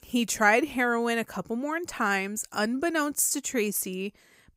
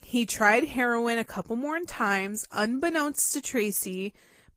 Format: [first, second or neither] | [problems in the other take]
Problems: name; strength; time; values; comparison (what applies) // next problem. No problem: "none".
first | garbled, watery; slightly; nothing above 15.5 kHz